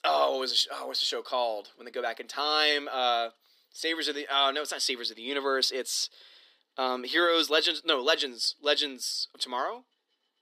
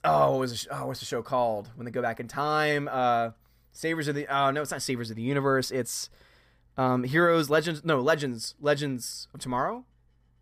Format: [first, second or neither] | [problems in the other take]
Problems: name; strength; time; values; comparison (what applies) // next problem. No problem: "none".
second | thin; somewhat; fading below 300 Hz